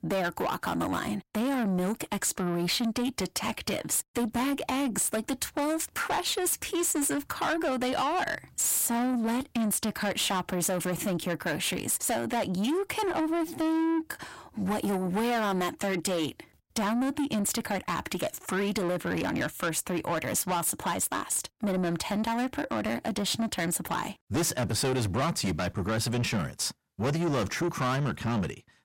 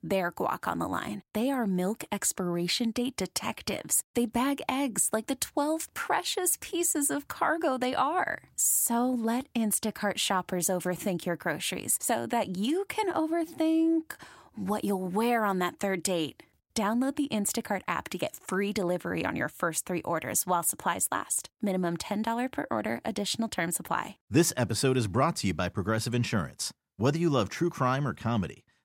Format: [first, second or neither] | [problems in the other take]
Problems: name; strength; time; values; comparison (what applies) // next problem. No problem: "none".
second | distortion; heavy; 8 dB below the speech